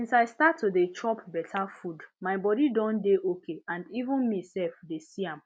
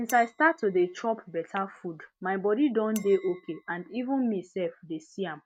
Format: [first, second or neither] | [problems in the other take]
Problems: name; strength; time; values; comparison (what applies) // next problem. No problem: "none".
first | noise reduction (neural mask model RNNoise)